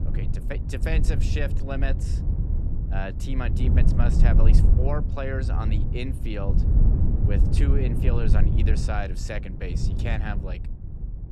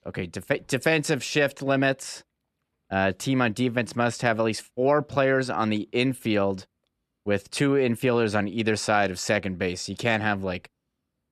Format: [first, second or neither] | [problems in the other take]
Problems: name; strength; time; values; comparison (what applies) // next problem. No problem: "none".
second | low rumble; loud; throughout; 4 dB below the speech